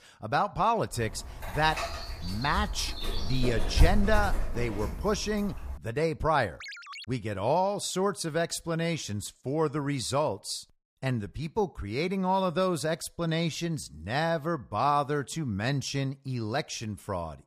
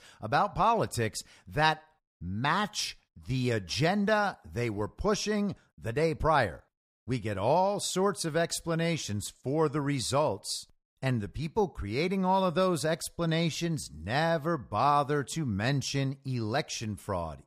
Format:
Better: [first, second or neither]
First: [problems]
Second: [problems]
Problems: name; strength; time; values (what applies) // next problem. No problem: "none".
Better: second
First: dog barking; loud; from 1.5 to 5.5 s; peak 3 dB above the speech // phone ringing; faint; at 6.5 s; peak 10 dB below the speech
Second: none